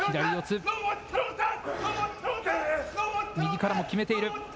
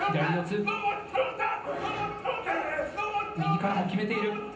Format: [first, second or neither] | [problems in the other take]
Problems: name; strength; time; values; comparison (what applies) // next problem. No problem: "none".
first | room echo; dies away in 0.6 s